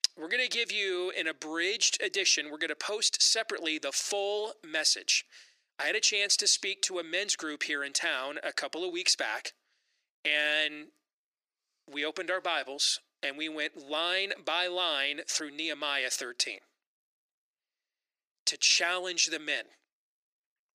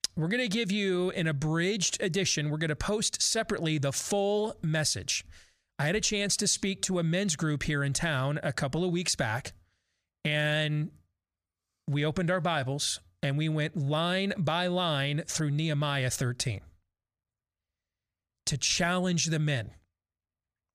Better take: second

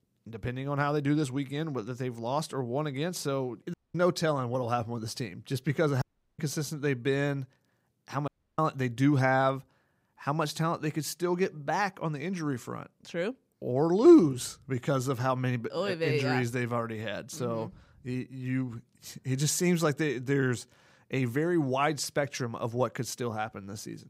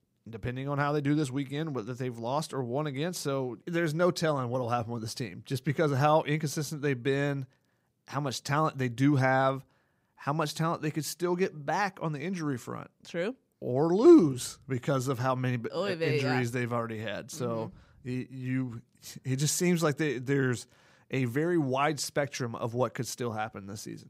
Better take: second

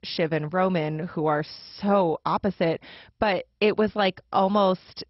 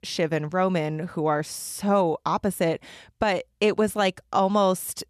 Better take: second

